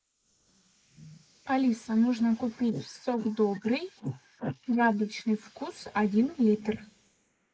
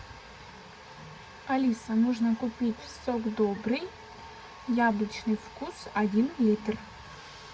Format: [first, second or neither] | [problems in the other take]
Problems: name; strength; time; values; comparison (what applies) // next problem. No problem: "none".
second | noise reduction (neural mask model Resemble Enhance denoiser)